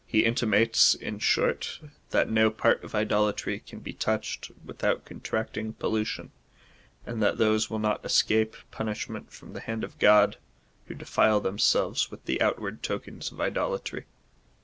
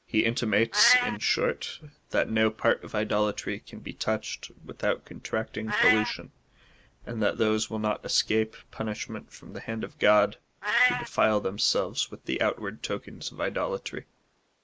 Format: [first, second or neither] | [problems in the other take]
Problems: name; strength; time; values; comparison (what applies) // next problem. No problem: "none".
first | noise reduction (neural mask model Resemble Enhance denoiser)